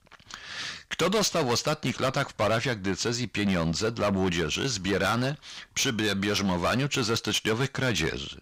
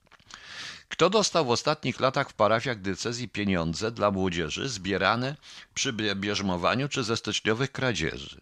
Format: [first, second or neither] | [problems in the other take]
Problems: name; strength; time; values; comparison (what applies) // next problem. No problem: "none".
second | distortion; heavy; 12% of the sound clipped